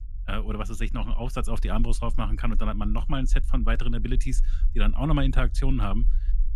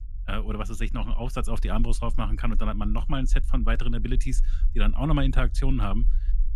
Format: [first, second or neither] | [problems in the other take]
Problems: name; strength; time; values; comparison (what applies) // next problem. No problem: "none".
neither | low rumble; faint; throughout; 20 dB below the speech; the same in both